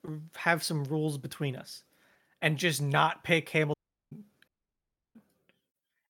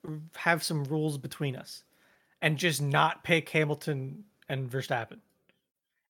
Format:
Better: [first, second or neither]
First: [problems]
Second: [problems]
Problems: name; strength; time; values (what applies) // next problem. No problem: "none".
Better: second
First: audio cutting out; at 3.5 s and at 4.5 s for 0.5 s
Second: none